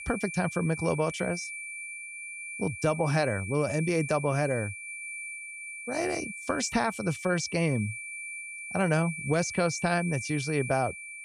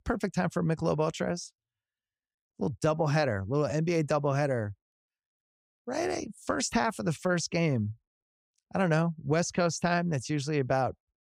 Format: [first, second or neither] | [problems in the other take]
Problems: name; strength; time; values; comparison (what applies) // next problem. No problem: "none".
second | high-pitched whine; loud; throughout; 2.5 kHz, 8 dB below the speech